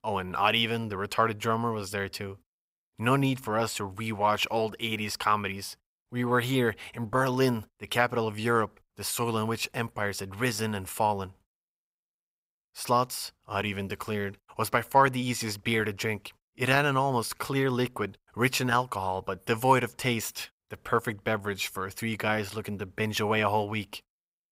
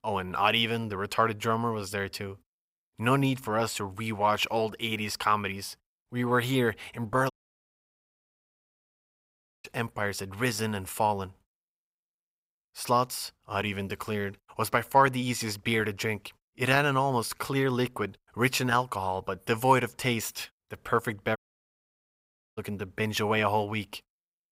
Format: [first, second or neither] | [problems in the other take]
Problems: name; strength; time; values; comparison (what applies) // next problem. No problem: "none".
first | audio cutting out; at 7.5 s for 2.5 s and at 21 s for 1 s